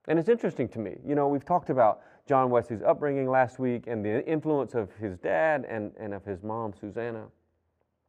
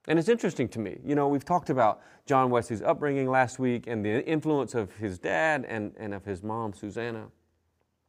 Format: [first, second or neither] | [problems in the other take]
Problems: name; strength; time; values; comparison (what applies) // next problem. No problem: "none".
second | muffled; very; fading above 3 kHz